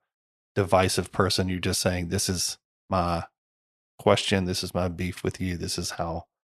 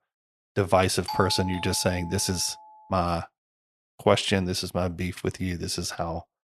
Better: first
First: none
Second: doorbell; noticeable; from 1 to 2.5 s; peak 7 dB below the speech

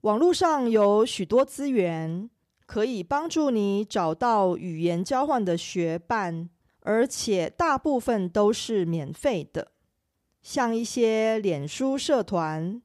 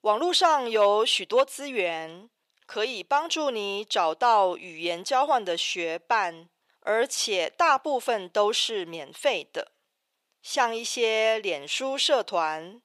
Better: first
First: none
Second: thin; very; fading below 650 Hz

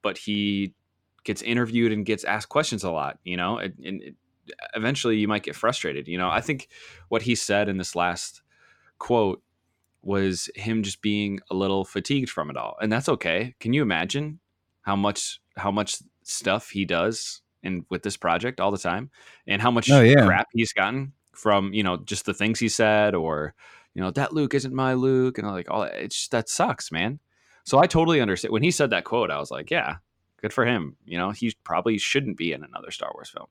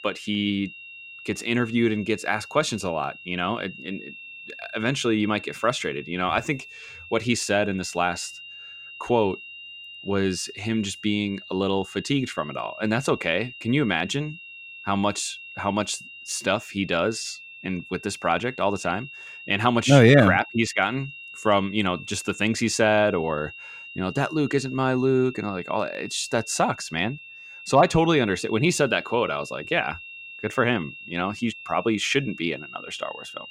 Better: first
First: none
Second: high-pitched whine; noticeable; throughout; 2.5 kHz, 15 dB below the speech

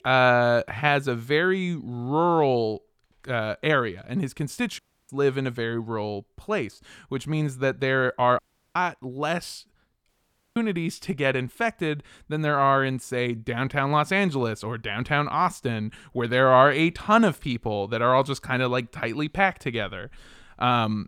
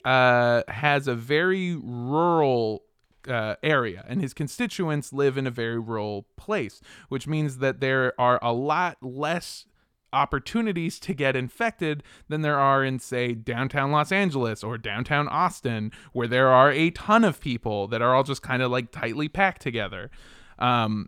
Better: second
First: audio cutting out; at 5 s, at 8.5 s and at 10 s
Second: none

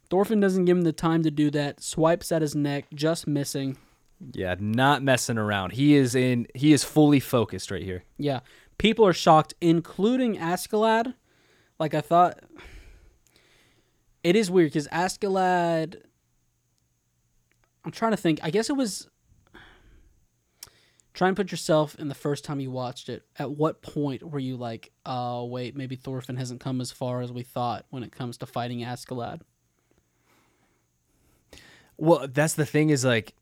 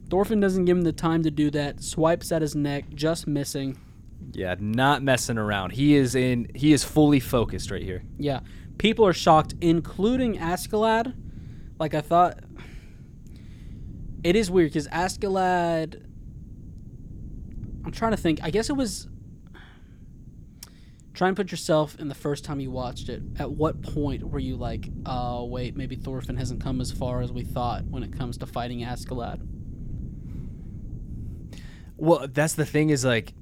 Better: first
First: none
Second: wind noise on the microphone; occasional gusts; 25 dB below the speech

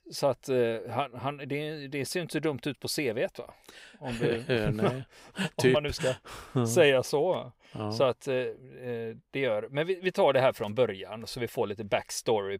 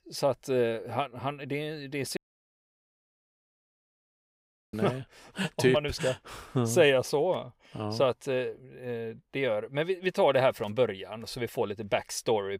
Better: first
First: none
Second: audio cutting out; at 2 s for 2.5 s

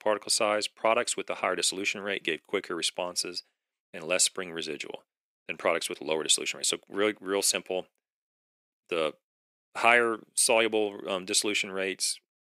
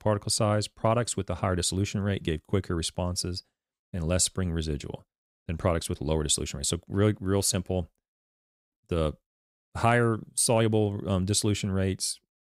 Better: second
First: thin; very; fading below 350 Hz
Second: none

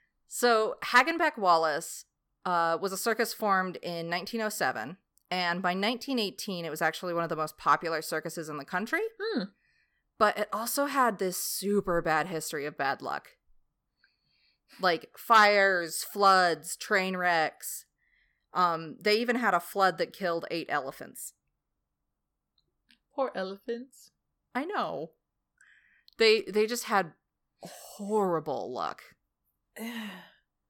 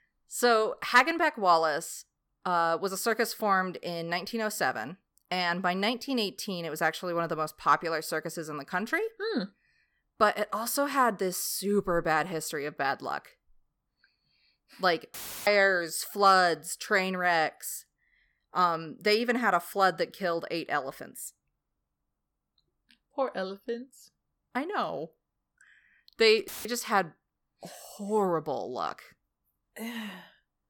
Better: first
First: none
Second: audio cutting out; filled with static; at 15 s and at 26 s

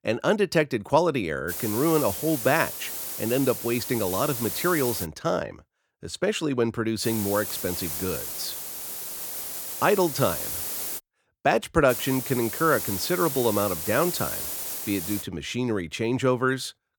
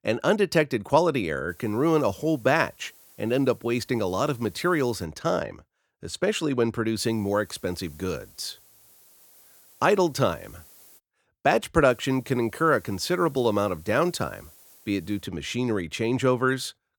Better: second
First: hiss; loud; from 1.5 to 5 s, from 7 to 11 s and from 12 to 15 s; 5 dB below the speech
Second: hiss; faint; from 1.5 to 5 s, from 7 to 11 s and from 12 to 15 s; 25 dB below the speech

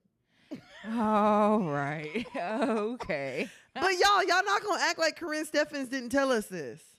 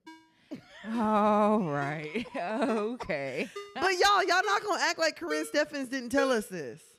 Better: first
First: none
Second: phone ringing; noticeable; until 6.5 s; peak 9 dB below the speech

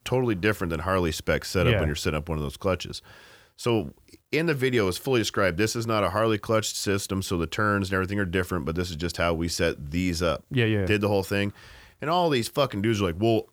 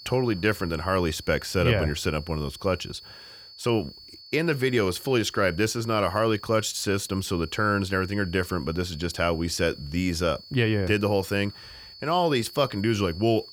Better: first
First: none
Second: high-pitched whine; noticeable; throughout; 4.5 kHz, 20 dB below the speech

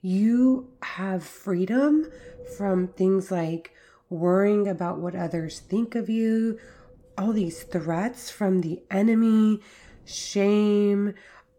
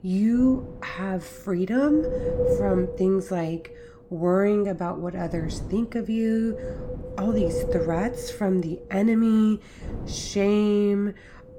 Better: first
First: wind noise on the microphone; occasional gusts; 25 dB below the speech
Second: wind noise on the microphone; heavy; 3 dB below the speech

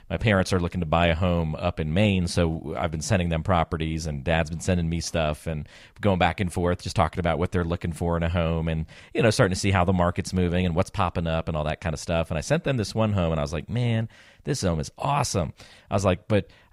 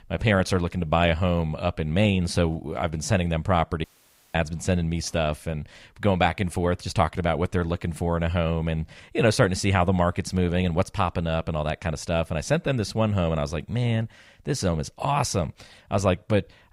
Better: first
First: none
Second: audio cutting out; at 4 s for 0.5 s

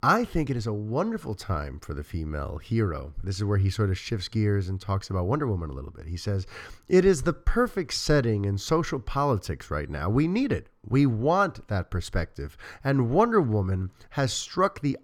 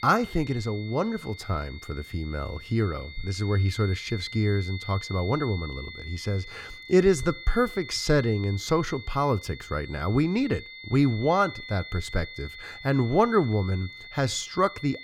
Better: first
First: none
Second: high-pitched whine; noticeable; throughout; 2 kHz, 15 dB below the speech

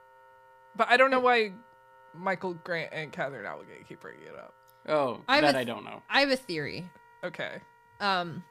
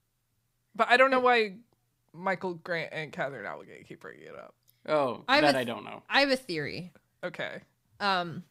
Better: second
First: background music; faint; throughout; 30 dB below the speech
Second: none

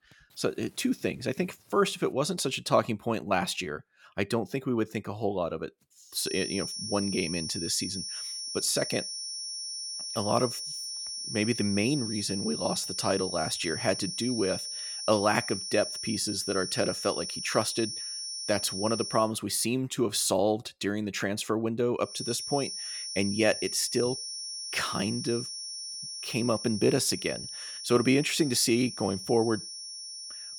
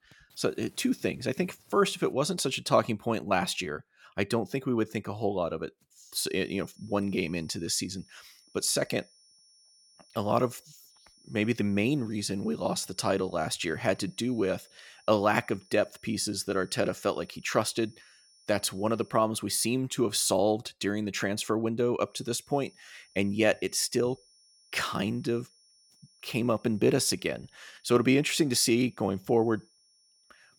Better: second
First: high-pitched whine; loud; from 6 to 19 s and from 22 s on; 5.5 kHz, 5 dB below the speech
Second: high-pitched whine; faint; from 6 to 19 s and from 22 s on; 5.5 kHz, 30 dB below the speech

